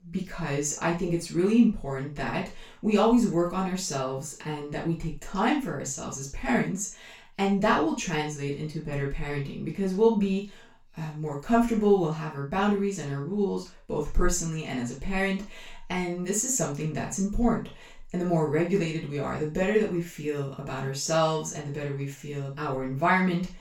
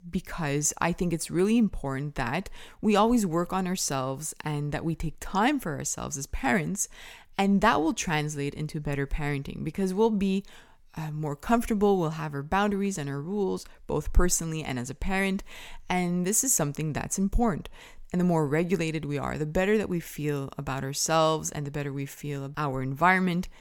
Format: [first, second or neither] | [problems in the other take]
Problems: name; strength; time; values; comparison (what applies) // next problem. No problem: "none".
second | room echo; noticeable; dies away in 0.2 s // off-mic speech; far